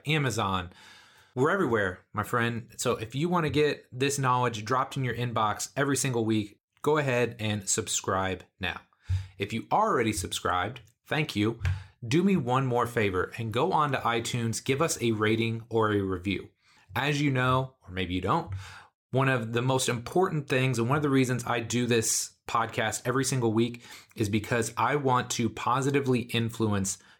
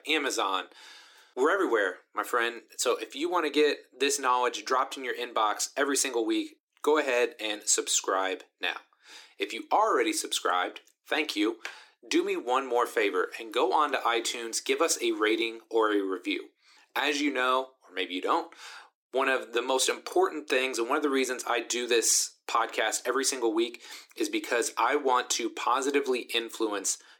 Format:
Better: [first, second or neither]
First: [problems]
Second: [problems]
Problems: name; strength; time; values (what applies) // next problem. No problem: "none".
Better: first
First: none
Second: thin; somewhat; fading below 300 Hz